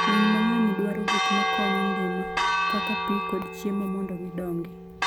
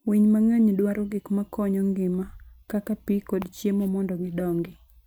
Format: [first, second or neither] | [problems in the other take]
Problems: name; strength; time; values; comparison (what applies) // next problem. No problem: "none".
second | background sound (Church bell); 1 dB above the speech